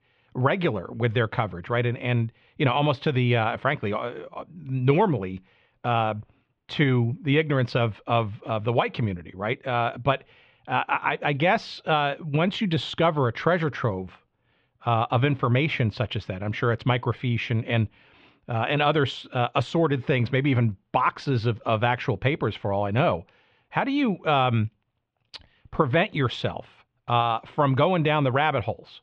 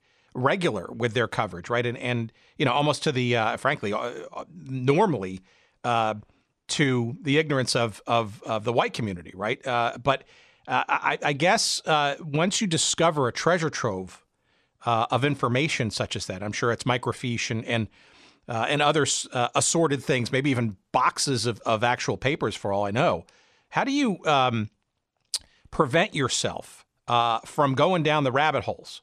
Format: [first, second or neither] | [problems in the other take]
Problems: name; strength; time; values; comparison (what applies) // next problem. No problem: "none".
second | muffled; very; fading above 3 kHz